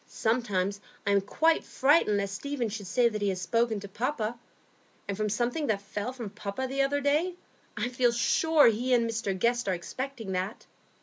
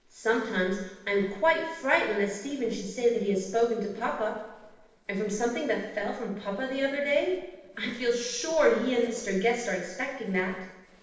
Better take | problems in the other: first | noise reduction (neural separator model SepFormer DNS4)

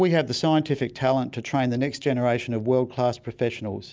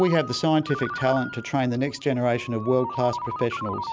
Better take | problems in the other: first | background sound (Ringtone); 10 dB below the speech

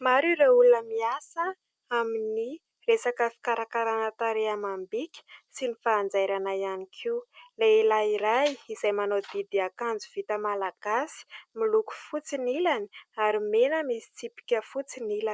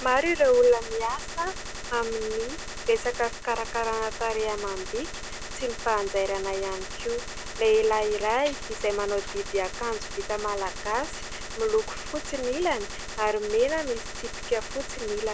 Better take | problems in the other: first | background sound (Gunshot, gunfire); 8 dB below the speech

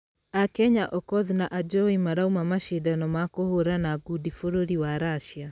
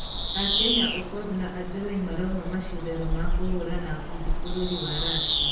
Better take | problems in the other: first | background sound (Bird vocalization, bird call, bird song); 4 dB above the speech // room echo; dies away in 0.9 s

